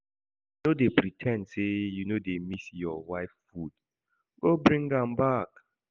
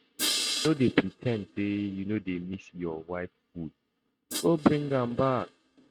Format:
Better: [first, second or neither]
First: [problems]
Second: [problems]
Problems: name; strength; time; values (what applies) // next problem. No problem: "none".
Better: first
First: none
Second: noise reduction (neural mask model RNNoise)